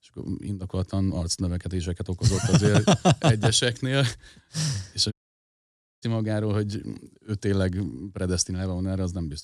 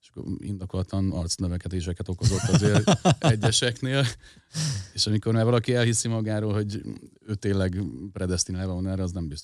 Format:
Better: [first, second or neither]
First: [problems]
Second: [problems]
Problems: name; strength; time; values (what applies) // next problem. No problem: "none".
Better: second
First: audio cutting out; at 5 s for 1 s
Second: none